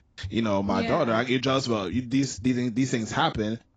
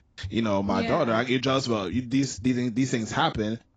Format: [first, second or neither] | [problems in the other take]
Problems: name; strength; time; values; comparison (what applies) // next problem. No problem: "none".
neither | garbled, watery; badly; nothing above 7.5 kHz; the same in both